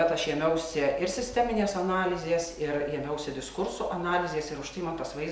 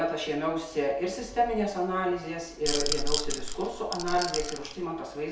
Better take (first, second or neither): first